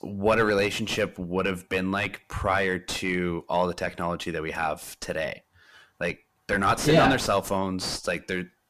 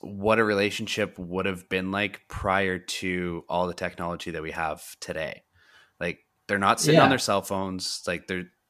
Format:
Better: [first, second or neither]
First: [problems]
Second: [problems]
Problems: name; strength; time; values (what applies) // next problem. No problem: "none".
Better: second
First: distortion; heavy; 6 dB below the speech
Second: none